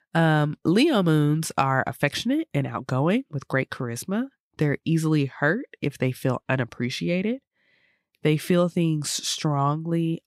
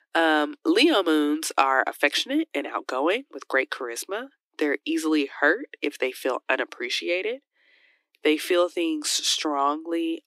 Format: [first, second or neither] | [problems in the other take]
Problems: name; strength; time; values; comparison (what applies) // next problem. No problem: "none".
first | thin; somewhat; fading below 300 Hz